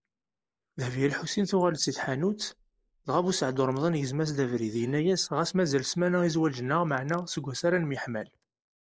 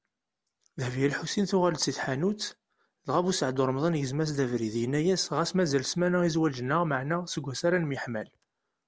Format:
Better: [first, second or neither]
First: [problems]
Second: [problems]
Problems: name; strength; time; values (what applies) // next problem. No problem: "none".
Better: second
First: noise reduction (neural mask model Resemble Enhance denoiser)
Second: none